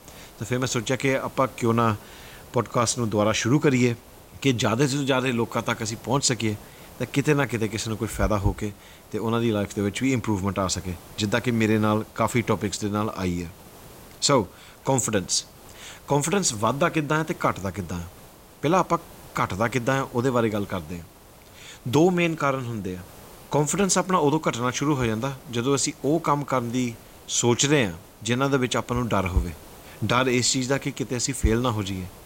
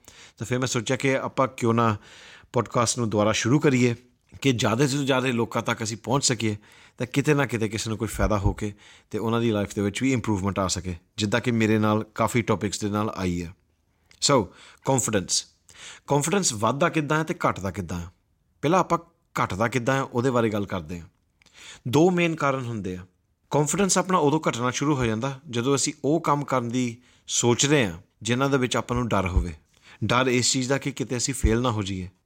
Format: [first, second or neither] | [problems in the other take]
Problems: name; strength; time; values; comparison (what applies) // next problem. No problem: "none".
second | hiss; faint; throughout; 20 dB below the speech